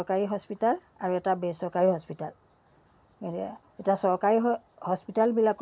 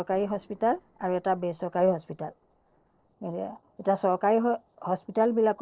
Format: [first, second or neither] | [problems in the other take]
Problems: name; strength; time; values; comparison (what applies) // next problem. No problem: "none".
first | noise reduction (neural separator model SepFormer DNS4)